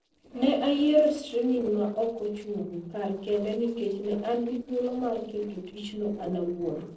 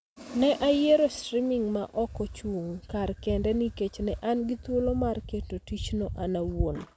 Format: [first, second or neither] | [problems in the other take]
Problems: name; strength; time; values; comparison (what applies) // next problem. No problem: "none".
second | noise reduction (neural separator model SepFormer DNS4)